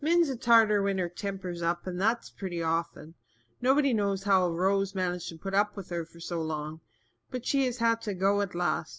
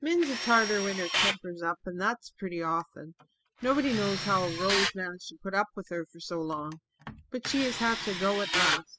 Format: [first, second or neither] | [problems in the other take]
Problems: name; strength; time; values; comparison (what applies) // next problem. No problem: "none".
first | noise reduction (classical method spectral subtraction)